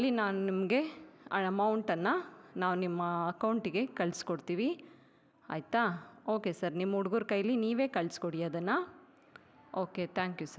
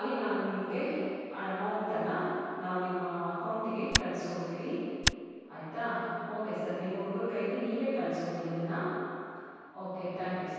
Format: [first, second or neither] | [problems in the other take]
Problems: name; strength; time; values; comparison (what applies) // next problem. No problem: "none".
first | background sound (Tick); 2 dB above the speech // room echo; dies away in 2.2 s